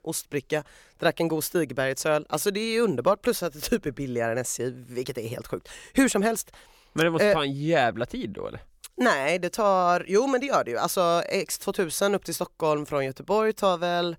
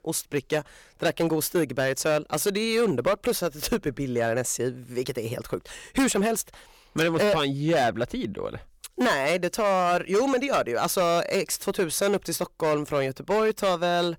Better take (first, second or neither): first